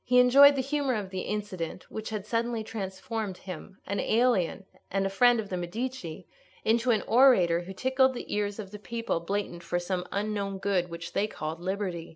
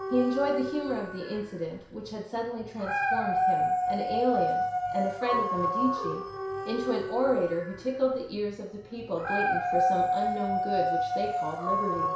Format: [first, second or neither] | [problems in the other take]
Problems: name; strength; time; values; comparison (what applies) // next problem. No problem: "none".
first | background sound (Dog); 1 dB above the speech // room echo; dies away in 0.6 s